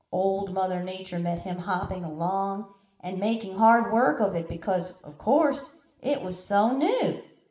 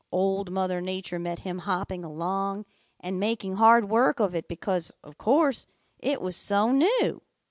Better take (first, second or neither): second